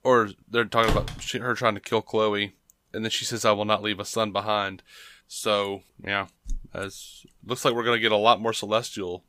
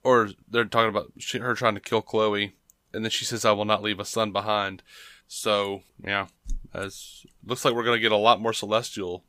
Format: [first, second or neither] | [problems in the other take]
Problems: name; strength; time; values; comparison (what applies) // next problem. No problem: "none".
second | door banging; noticeable; at 1 s; peak 4 dB below the speech